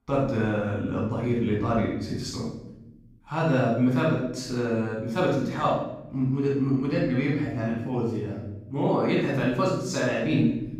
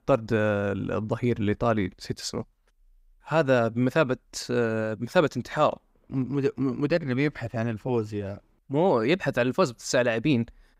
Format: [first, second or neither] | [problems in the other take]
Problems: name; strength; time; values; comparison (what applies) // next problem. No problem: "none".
second | off-mic speech; far // room echo; strong; dies away in 0.9 s